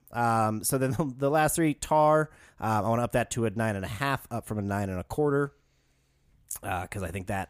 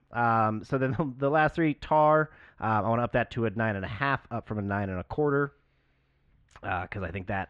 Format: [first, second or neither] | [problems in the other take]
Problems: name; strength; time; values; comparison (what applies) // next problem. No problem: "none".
first | muffled; very; fading above 3.5 kHz